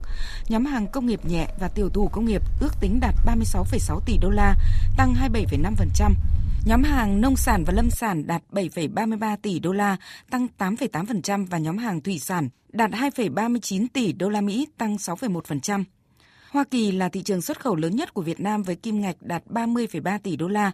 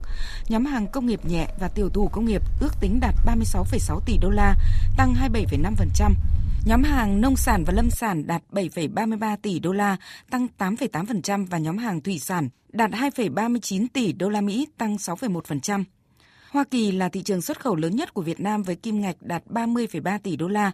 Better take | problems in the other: neither | footsteps; loud; until 8 s; peak 3 dB above the speech; the same in both

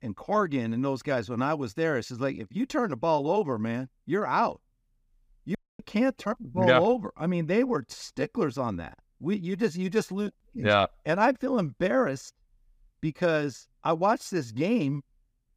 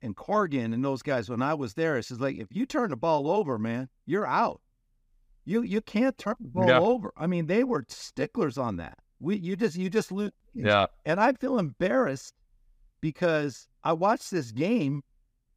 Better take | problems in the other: second | audio cutting out; at 5.5 s

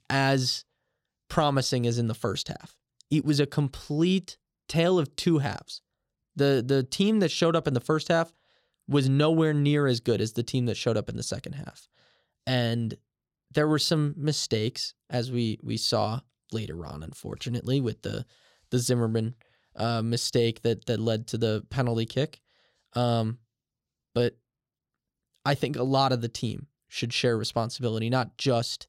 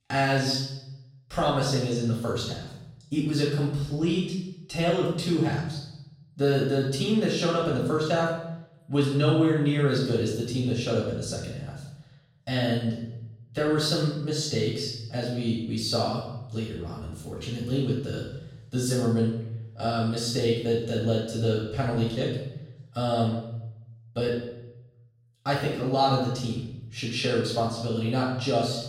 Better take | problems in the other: first | off-mic speech; far // room echo; noticeable; dies away in 0.8 s

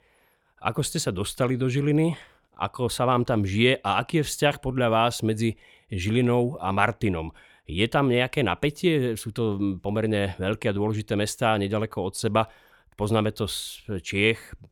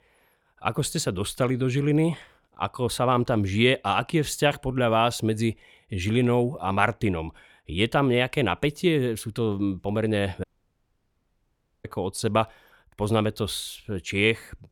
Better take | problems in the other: first | audio cutting out; at 10 s for 1.5 s

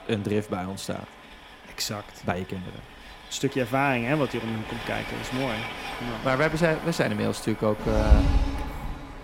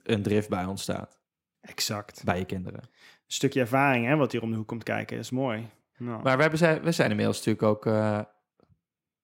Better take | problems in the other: second | train or aircraft noise; loud; throughout; 3 dB below the speech

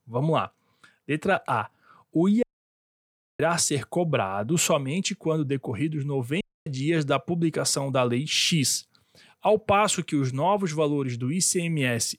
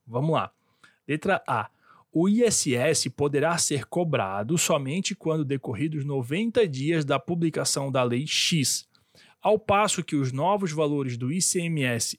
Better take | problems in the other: second | audio cutting out; at 2.5 s for 1 s and at 6.5 s

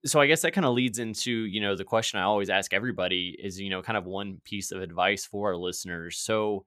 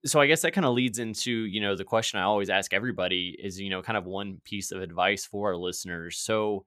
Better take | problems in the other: neither | none

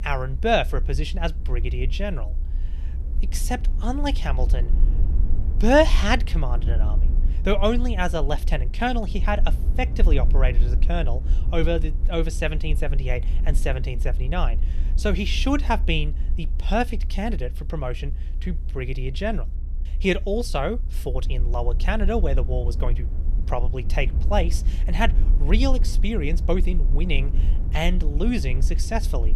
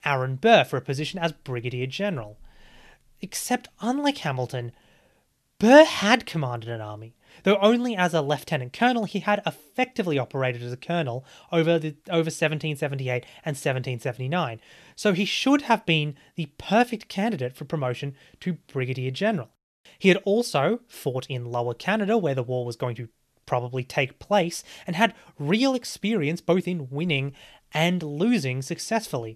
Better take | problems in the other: second | low rumble; noticeable; throughout; 20 dB below the speech

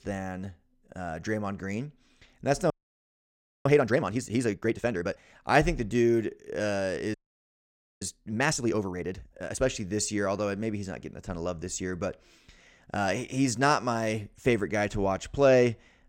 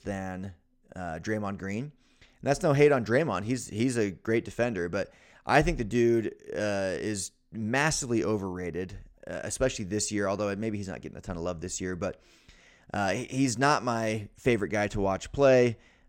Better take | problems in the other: second | audio freezing; at 2.5 s for 1 s and at 7 s for 1 s

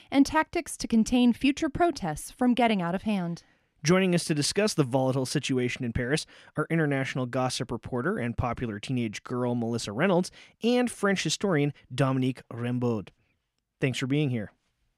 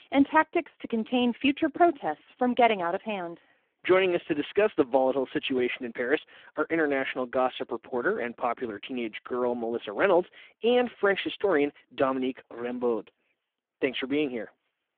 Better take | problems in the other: first | phone-call audio; poor line

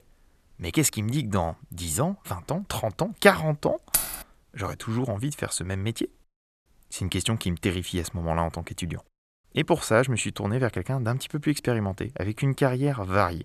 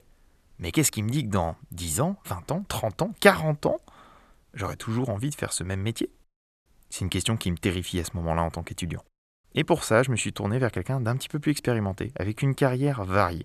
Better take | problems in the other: second | jangling keys; loud; at 4 s; peak 2 dB above the speech

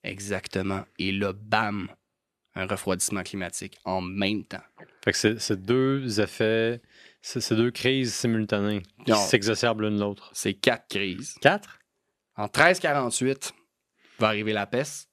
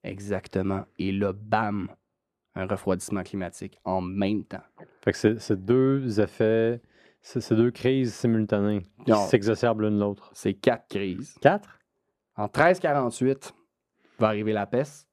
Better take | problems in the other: first | muffled; slightly; fading above 1.5 kHz

